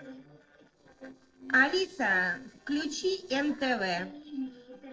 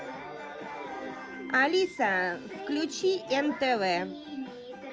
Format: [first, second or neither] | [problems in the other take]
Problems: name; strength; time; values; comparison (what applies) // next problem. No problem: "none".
second | noise reduction (neural separator model SepFormer DNS4)